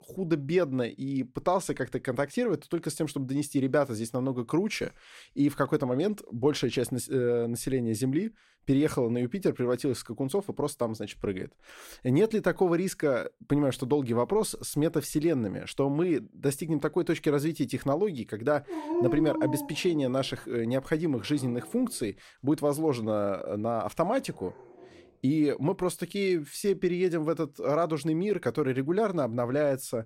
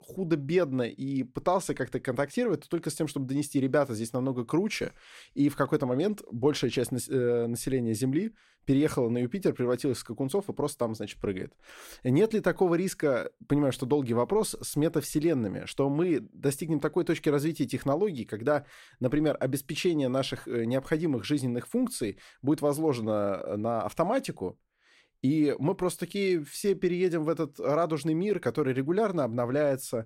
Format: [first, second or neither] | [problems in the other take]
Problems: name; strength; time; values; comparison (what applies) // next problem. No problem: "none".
second | dog barking; loud; from 19 to 22 s; peak level with the speech